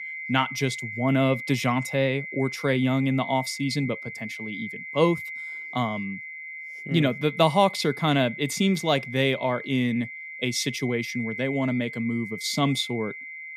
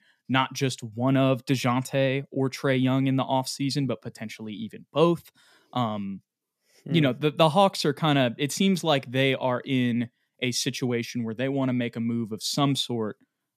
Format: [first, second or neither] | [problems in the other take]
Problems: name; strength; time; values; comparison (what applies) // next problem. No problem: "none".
second | high-pitched whine; loud; throughout; 2 kHz, 9 dB below the speech